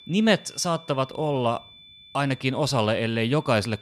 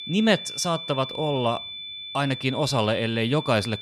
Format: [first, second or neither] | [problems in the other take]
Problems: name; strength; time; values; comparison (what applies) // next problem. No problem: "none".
first | high-pitched whine; loud; throughout; 3.5 kHz, 9 dB below the speech; faint in the first